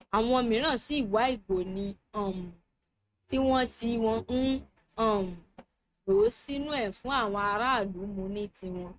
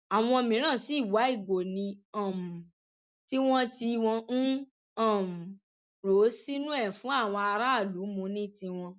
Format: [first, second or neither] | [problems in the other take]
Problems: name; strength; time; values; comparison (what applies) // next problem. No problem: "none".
second | noise reduction (neural mask model RNNoise)